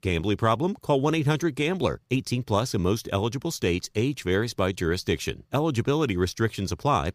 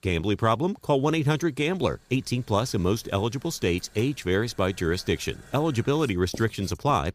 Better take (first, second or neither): first